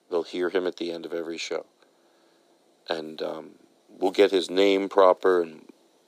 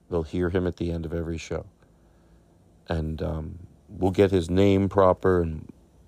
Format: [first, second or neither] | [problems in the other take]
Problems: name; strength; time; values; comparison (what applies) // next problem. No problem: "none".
second | thin; somewhat; fading below 300 Hz